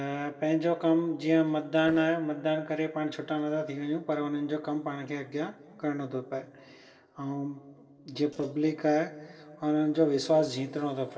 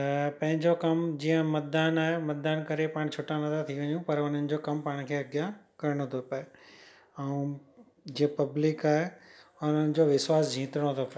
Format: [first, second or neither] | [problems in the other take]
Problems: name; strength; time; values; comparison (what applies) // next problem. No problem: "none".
second | noise reduction (neural separator model SepFormer DNS4)